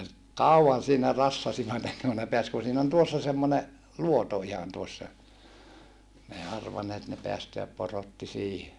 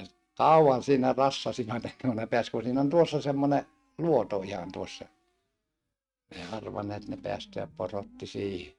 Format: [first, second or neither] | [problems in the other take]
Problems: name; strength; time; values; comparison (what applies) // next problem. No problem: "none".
first | noise reduction (neural mask model RNNoise)